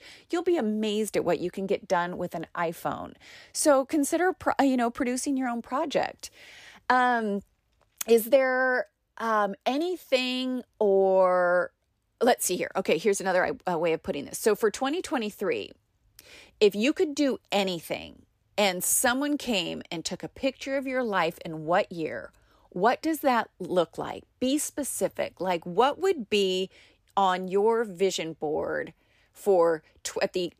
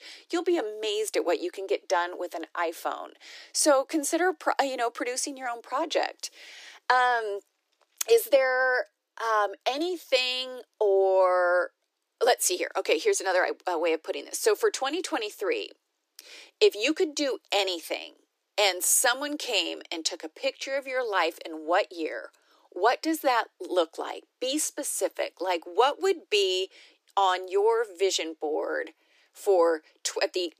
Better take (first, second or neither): first